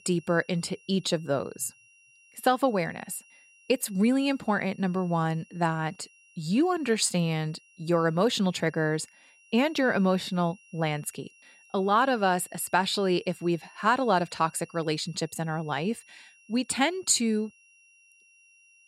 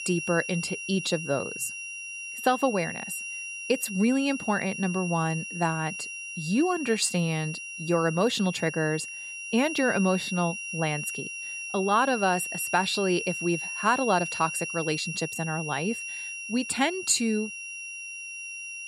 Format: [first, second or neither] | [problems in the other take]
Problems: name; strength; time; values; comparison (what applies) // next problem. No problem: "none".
first | high-pitched whine; loud; throughout; 2.5 kHz, 6 dB below the speech; faint in the first